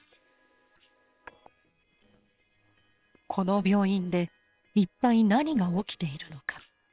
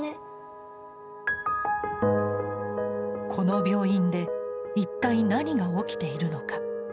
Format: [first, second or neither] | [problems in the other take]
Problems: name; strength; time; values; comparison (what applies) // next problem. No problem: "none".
second | noise reduction (neural separator model SepFormer WHAM!)